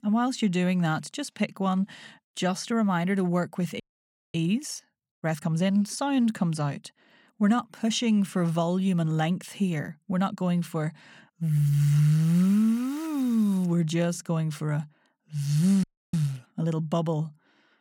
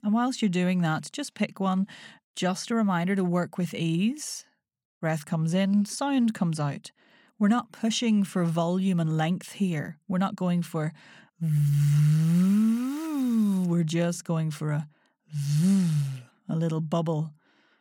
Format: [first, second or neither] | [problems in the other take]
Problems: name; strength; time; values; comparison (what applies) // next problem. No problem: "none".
second | audio freezing; at 4 s for 0.5 s and at 16 s